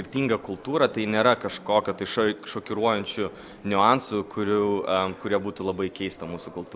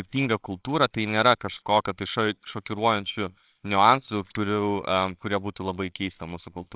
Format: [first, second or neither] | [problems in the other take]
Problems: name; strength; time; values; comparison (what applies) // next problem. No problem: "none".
first | noise reduction (neural separator model SepFormer WHAMR!)